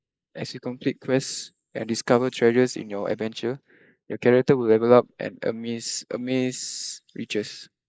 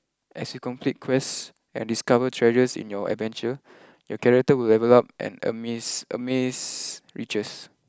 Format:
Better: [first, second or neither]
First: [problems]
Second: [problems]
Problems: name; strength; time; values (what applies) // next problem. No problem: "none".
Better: second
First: noise reduction (neural mask model Resemble Enhance denoiser)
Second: none